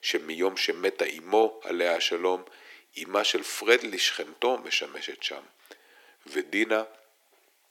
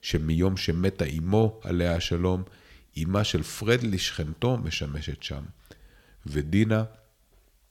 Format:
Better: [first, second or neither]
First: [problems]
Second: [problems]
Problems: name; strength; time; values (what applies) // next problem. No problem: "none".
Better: second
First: thin; very; fading below 300 Hz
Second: none